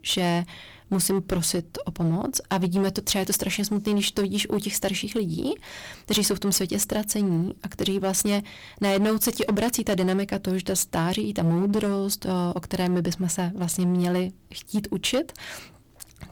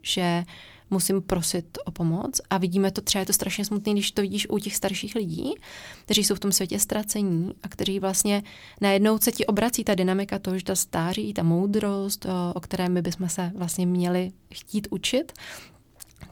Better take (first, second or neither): second